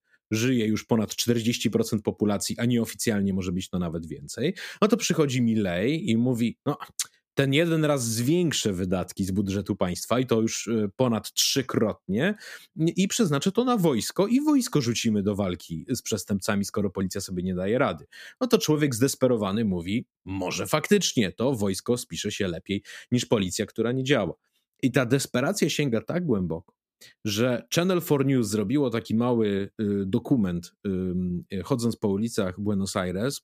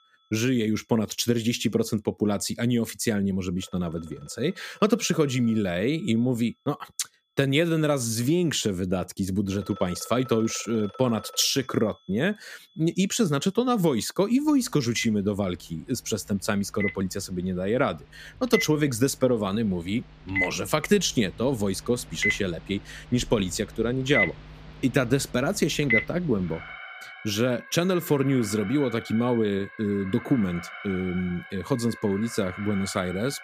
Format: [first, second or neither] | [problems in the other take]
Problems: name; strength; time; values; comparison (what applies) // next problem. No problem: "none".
first | alarms or sirens; loud; throughout; 8 dB below the speech